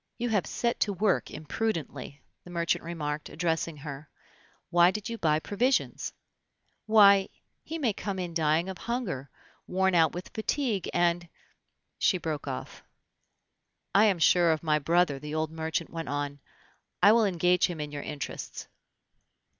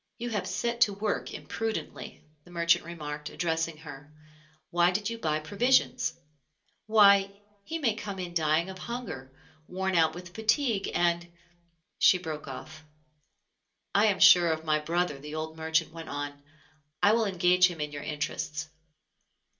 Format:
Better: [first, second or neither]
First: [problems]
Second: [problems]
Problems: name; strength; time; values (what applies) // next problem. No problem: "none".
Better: first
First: none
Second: room echo; dies away in 0.2 s